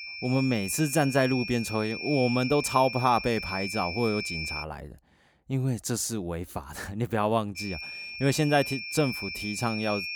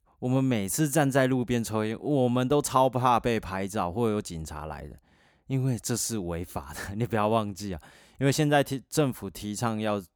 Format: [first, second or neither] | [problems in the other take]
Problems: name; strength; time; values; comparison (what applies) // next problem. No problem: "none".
second | high-pitched whine; loud; until 4.5 s and from 7.5 s on; 2.5 kHz, 6 dB below the speech